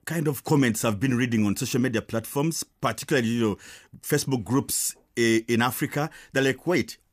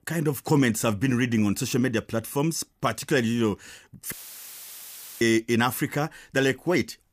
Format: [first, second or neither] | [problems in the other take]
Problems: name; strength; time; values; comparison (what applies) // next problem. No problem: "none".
first | audio cutting out; filled with static; at 4 s for 1 s